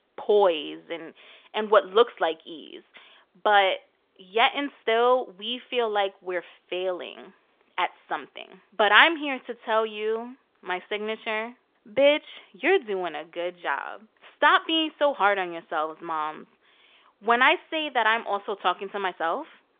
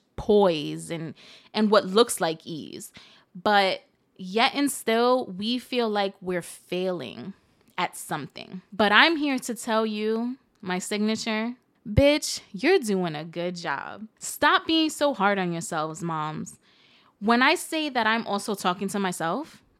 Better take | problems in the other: second | phone-call audio; nothing above 3.5 kHz

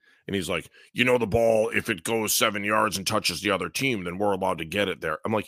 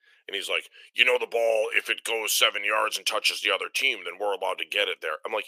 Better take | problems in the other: first | thin; very; fading below 450 Hz

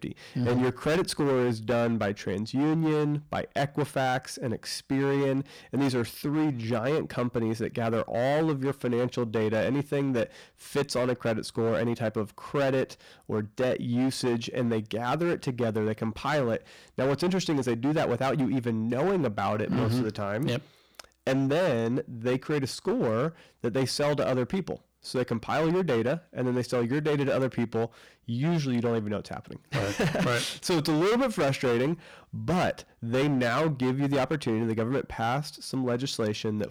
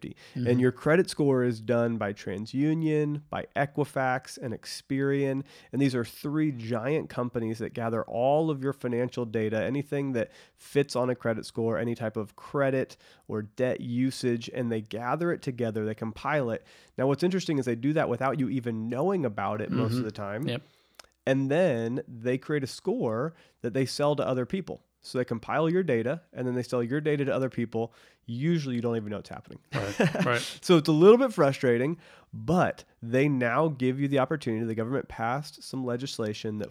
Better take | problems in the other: second | distortion; heavy; 17% of the sound clipped

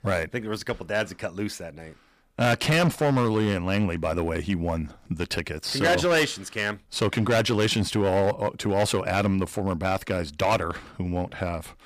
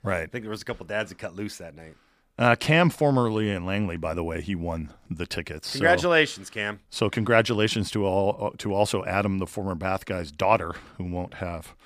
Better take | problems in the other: second | distortion; heavy; 7% of the sound clipped

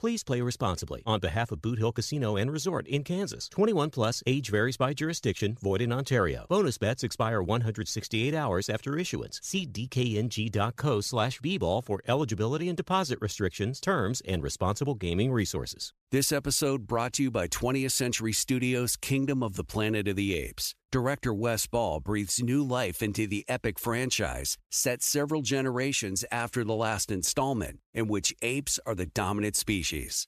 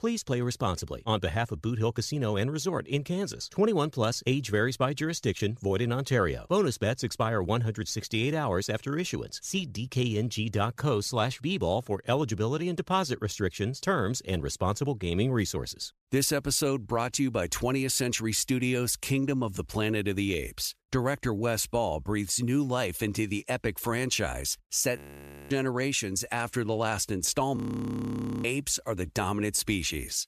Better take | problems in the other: first | audio freezing; at 25 s for 0.5 s and at 28 s for 1 s

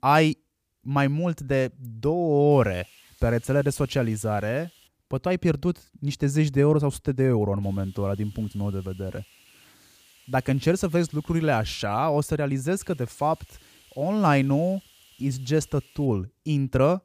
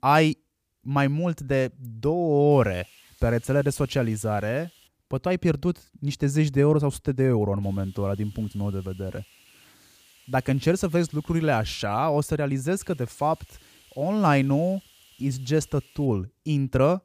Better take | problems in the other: neither | hiss; faint; from 2.5 to 5 s, from 7.5 to 12 s and from 13 to 16 s; 30 dB below the speech; the same in both

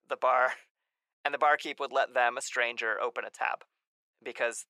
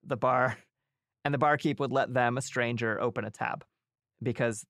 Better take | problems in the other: second | thin; very; fading below 550 Hz

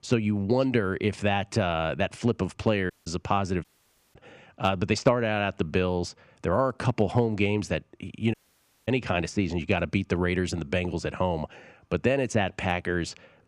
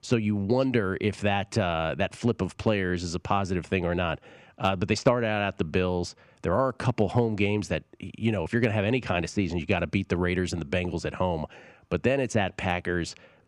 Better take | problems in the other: second | audio cutting out; at 3 s, at 3.5 s for 0.5 s and at 8.5 s for 0.5 s

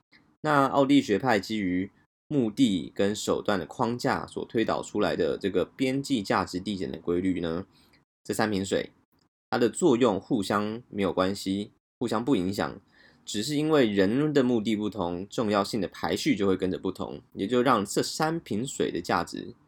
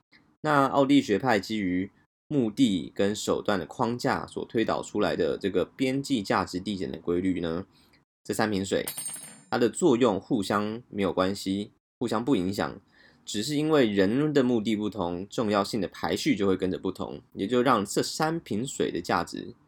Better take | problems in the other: first | clattering dishes; noticeable; at 9 s; peak 6 dB below the speech

